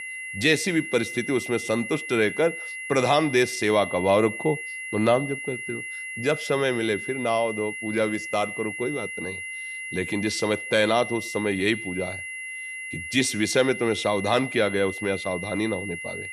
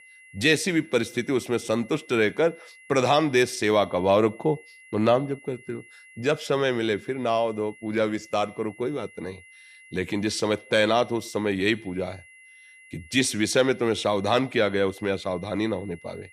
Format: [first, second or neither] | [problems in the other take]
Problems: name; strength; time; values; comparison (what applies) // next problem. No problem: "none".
second | high-pitched whine; loud; throughout; 2 kHz, 8 dB below the speech; faint in the second